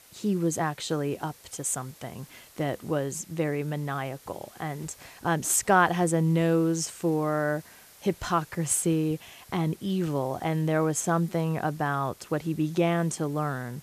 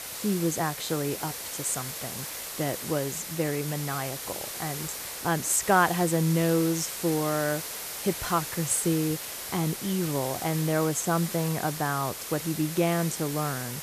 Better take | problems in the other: first | hiss; loud; throughout; 6 dB below the speech; faint in the first

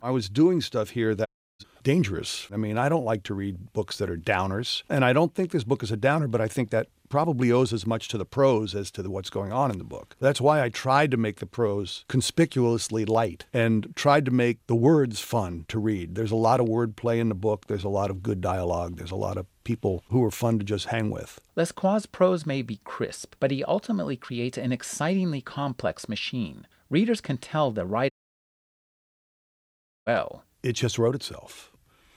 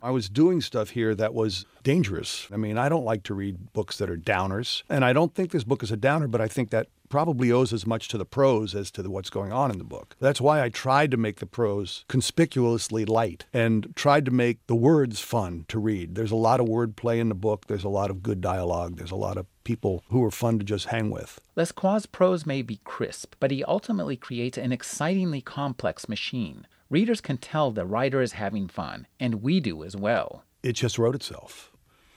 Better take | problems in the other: second | audio cutting out; at 1.5 s and at 28 s for 2 s

